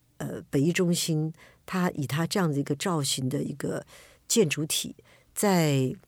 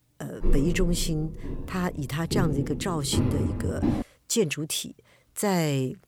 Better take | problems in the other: first | footsteps; loud; until 4 s; peak 2 dB above the speech

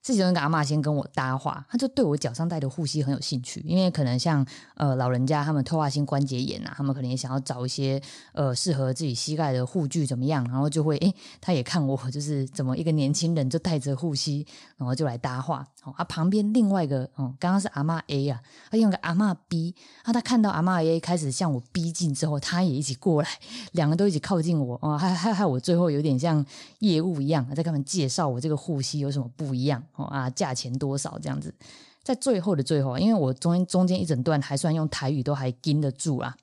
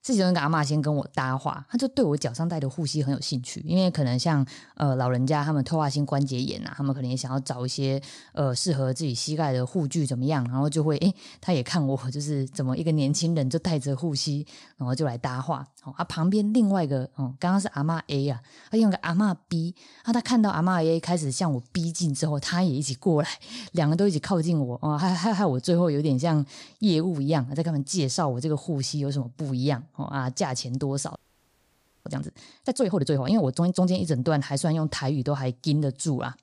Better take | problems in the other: first | audio freezing; at 31 s for 1 s

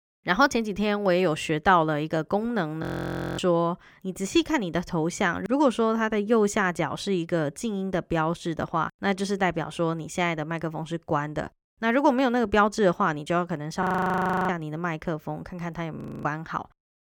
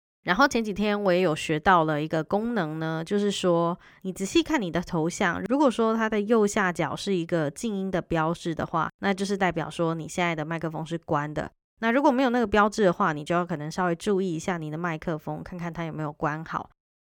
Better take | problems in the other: second | audio freezing; at 3 s for 0.5 s, at 14 s for 0.5 s and at 16 s

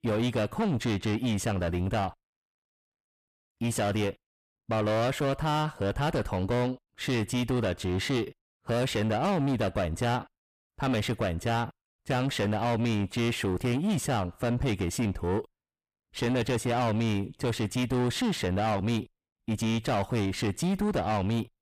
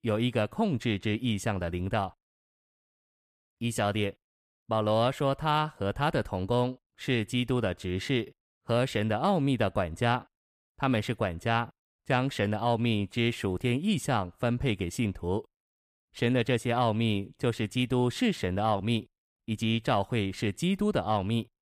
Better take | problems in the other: second | distortion; heavy; 7 dB below the speech

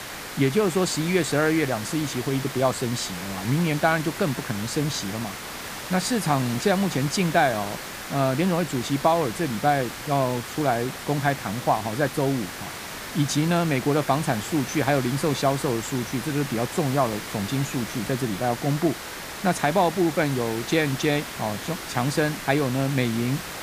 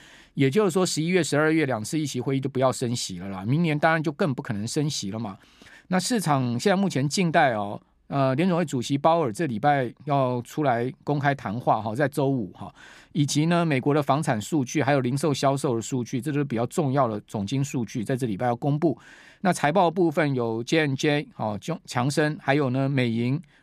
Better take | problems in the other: second | hiss; loud; throughout; 9 dB below the speech

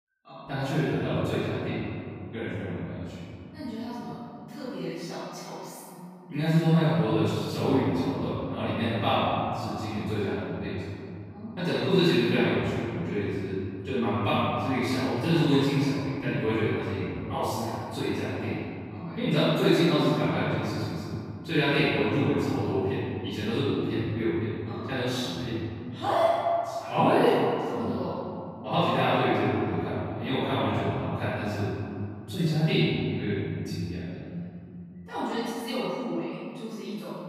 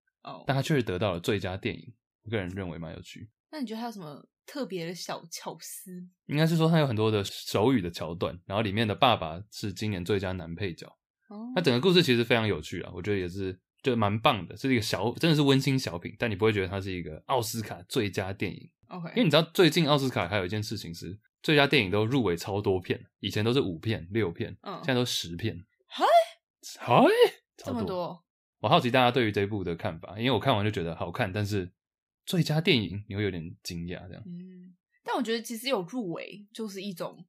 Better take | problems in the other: second | off-mic speech; far // room echo; strong; dies away in 2.9 s

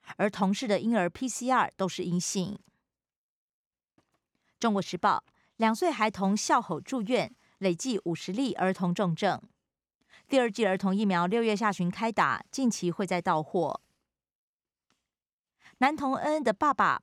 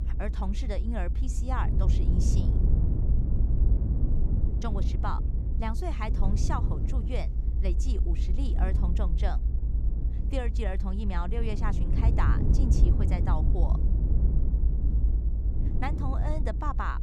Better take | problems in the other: first | low rumble; loud; throughout; 6 dB below the speech

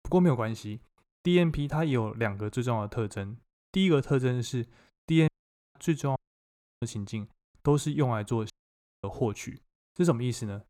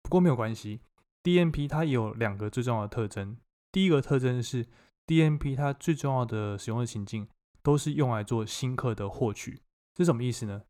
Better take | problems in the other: second | audio cutting out; at 5.5 s, at 6 s for 0.5 s and at 8.5 s for 0.5 s

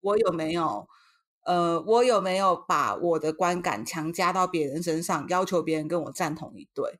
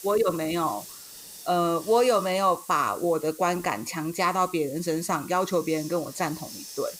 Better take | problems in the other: first | hiss; noticeable; throughout; 15 dB below the speech

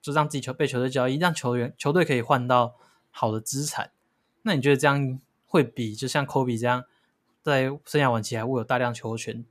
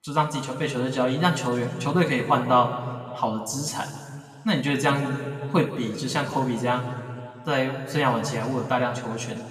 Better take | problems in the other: first | room echo; noticeable; dies away in 1.9 s // off-mic speech; somewhat distant

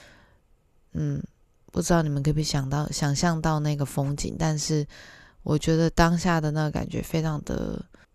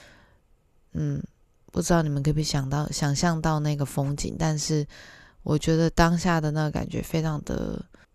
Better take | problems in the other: neither | none

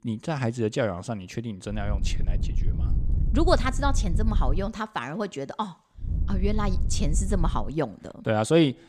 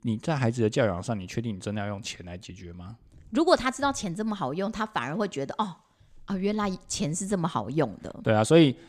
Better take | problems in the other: second | wind noise on the microphone; occasional gusts; from 2 to 4.5 s and from 6 to 7.5 s; 15 dB below the speech

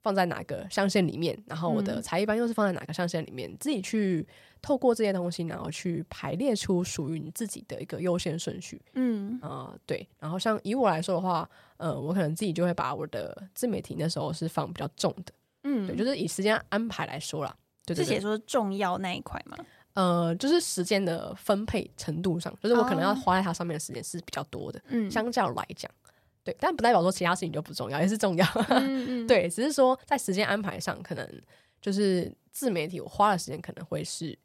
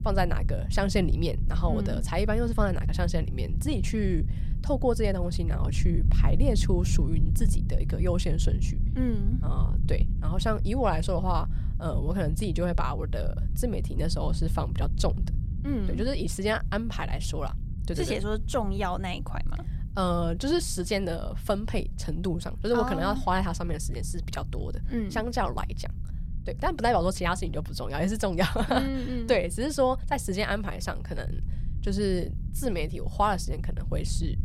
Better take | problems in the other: first | low rumble; noticeable; throughout; 15 dB below the speech

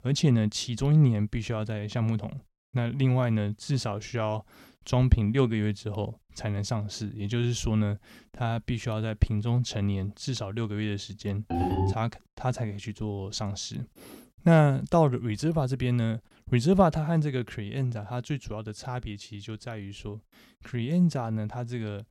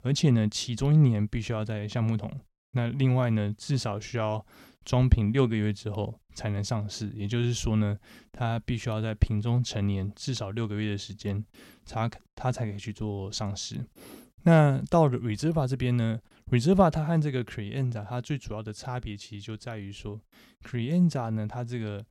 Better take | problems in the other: second | phone ringing; loud; at 12 s; peak 1 dB above the speech

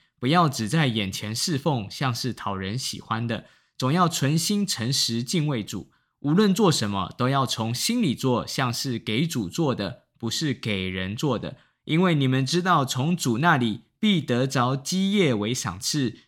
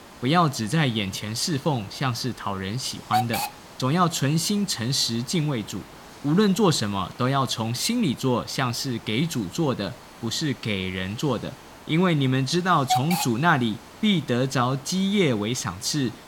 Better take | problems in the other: first | hiss; noticeable; throughout; 15 dB below the speech

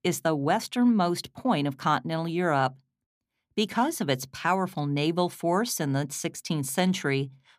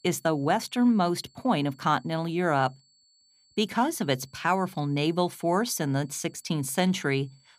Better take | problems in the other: first | high-pitched whine; faint; throughout; 4.5 kHz, 35 dB below the speech

